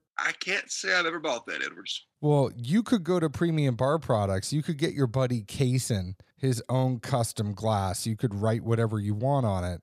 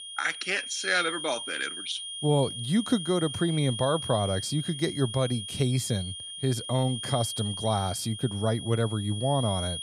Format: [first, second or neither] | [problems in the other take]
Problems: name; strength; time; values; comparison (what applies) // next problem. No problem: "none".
first | high-pitched whine; loud; throughout; 3 kHz, 7 dB below the speech